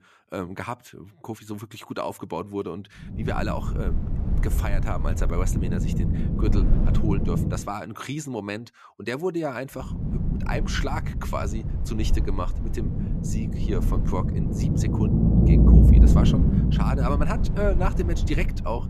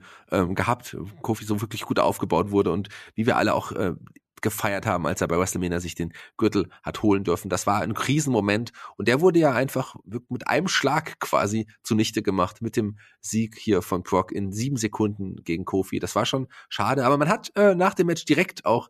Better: second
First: low rumble; loud; from 3 to 7.5 s and from 10 s on; 2 dB below the speech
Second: none

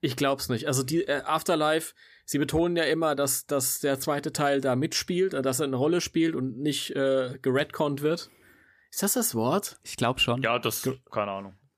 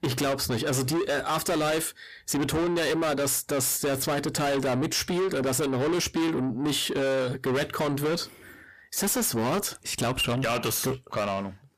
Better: first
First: none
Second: distortion; heavy; 6 dB below the speech

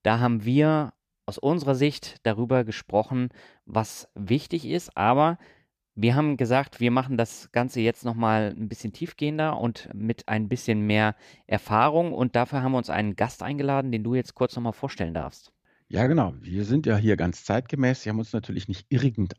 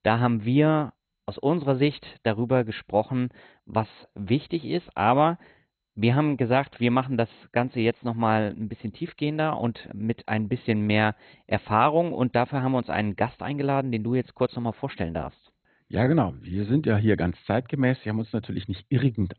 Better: first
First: none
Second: garbled, watery; badly; nothing above 4 kHz

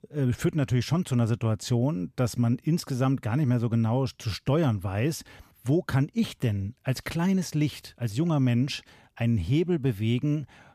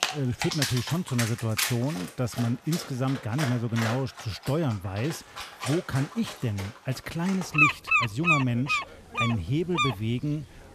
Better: first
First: none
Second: animal sounds; very loud; throughout; 2 dB above the speech

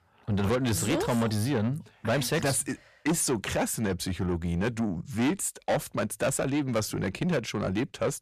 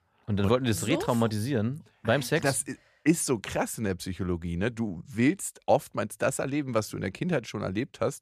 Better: second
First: distortion; heavy; 7 dB below the speech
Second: none

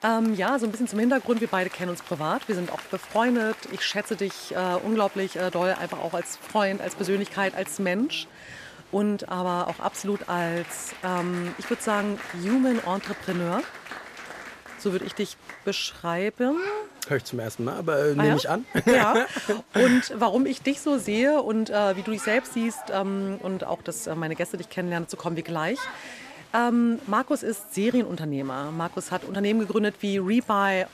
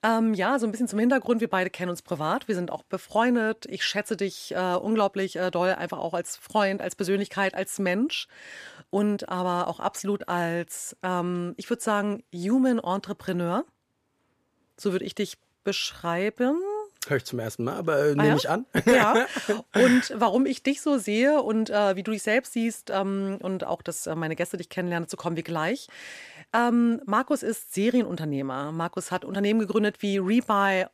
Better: second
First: crowd noise; noticeable; throughout; 15 dB below the speech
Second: none

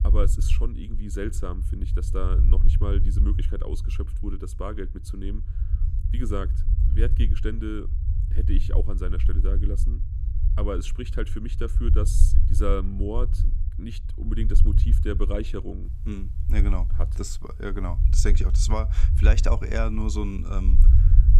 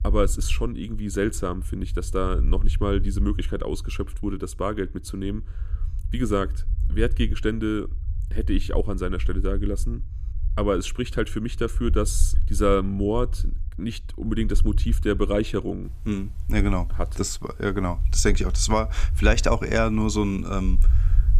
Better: second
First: low rumble; loud; throughout; 9 dB below the speech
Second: low rumble; faint; throughout; 20 dB below the speech

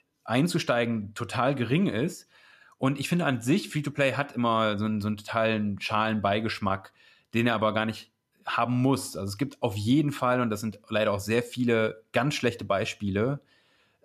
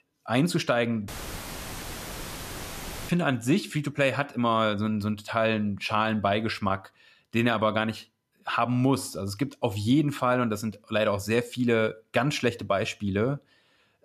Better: first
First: none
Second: audio cutting out; filled with static; at 1 s for 2 s

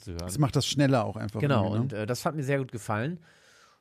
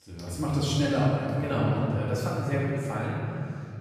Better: first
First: none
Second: room echo; strong; dies away in 2.6 s // off-mic speech; far

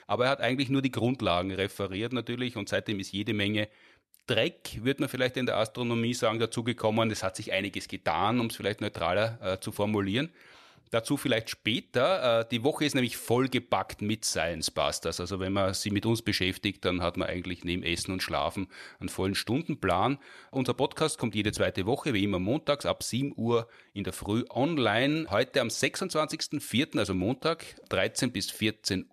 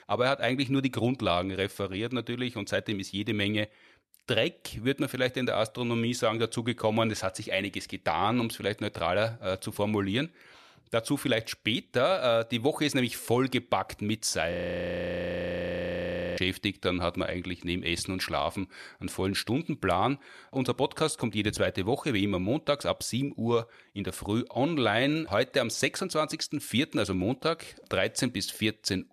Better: first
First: none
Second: audio freezing; at 15 s for 2 s

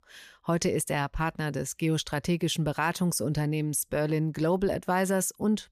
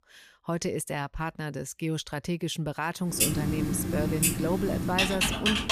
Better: first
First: none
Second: household noises; very loud; from 3 s on; 4 dB above the speech

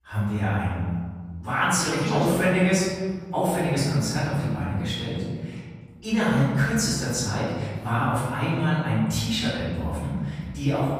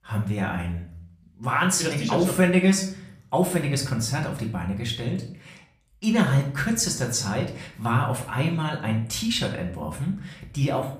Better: second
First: room echo; strong; dies away in 1.7 s // off-mic speech; far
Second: room echo; slight; dies away in 0.5 s // off-mic speech; somewhat distant

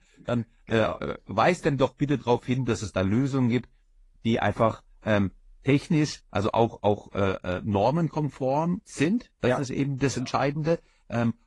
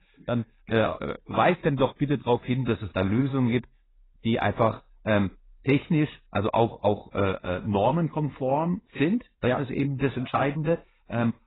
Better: first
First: garbled, watery; slightly; nothing above 10.5 kHz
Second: garbled, watery; badly; nothing above 4 kHz

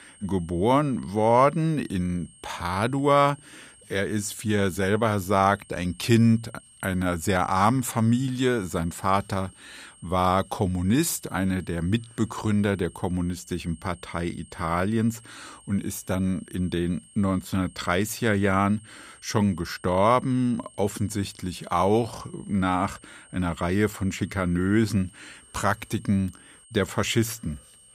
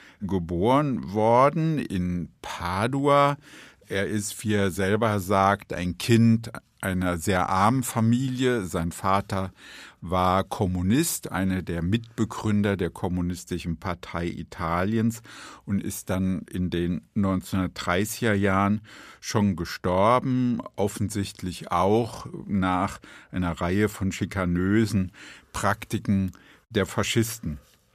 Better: second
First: high-pitched whine; faint; throughout; 8.5 kHz, 25 dB below the speech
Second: none

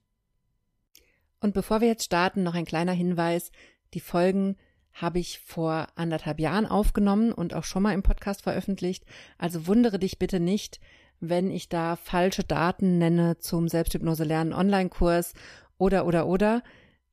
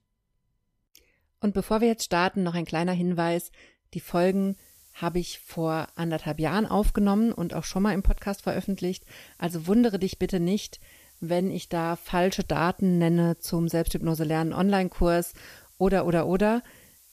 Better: first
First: none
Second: hiss; faint; from 4 s on; 25 dB below the speech

